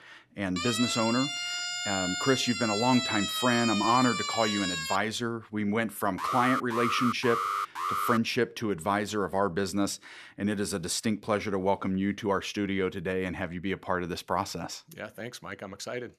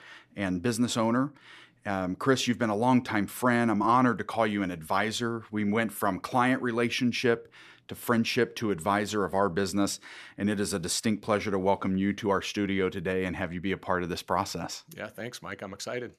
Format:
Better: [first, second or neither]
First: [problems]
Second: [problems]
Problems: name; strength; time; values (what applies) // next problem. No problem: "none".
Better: second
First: siren; noticeable; from 0.5 to 5 s; peak level with the speech // alarm; loud; from 6 to 8 s; peak level with the speech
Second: none